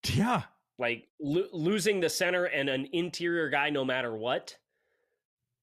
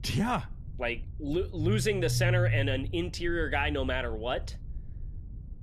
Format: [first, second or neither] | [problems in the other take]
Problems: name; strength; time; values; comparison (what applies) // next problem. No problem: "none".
first | low rumble; noticeable; throughout; 15 dB below the speech